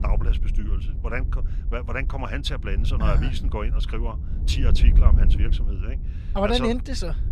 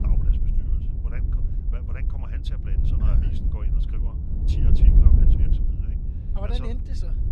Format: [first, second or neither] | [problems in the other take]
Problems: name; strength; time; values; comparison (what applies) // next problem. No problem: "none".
first | wind noise on the microphone; heavy; 2 dB above the speech; occasional gusts in the first